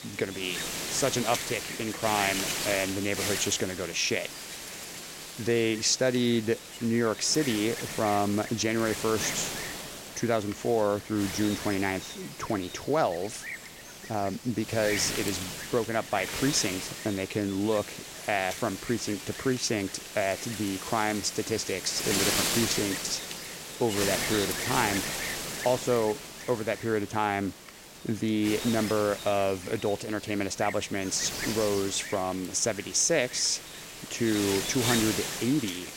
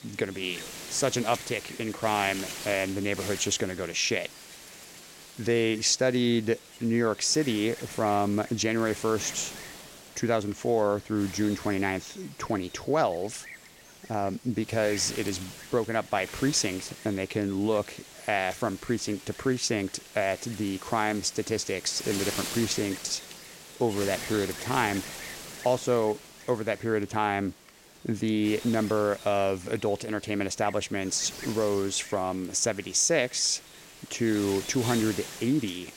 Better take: second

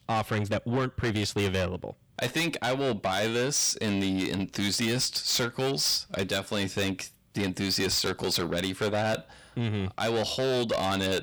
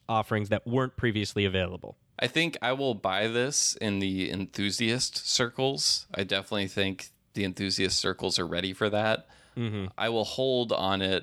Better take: second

